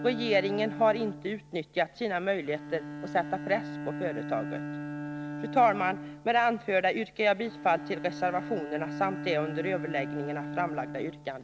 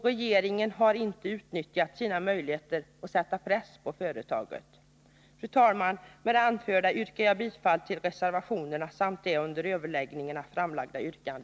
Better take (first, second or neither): second